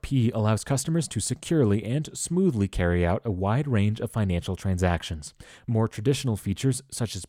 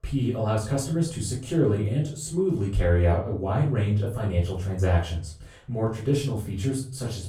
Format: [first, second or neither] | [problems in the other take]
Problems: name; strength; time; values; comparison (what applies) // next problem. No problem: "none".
first | off-mic speech; far // room echo; slight; dies away in 0.3 s